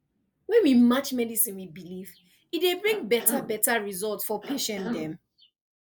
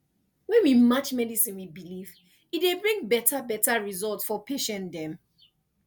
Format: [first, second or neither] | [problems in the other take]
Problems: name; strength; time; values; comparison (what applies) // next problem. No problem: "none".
second | noise reduction (neural mask model Resemble Enhance denoiser)